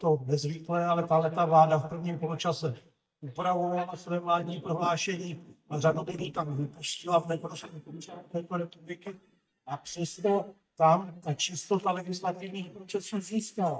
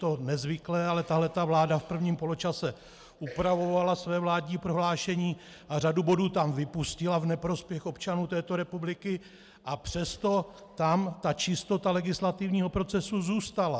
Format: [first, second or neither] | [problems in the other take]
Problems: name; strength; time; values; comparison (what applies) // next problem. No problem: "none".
second | noise reduction (neural mask model DeepFilterNet 3)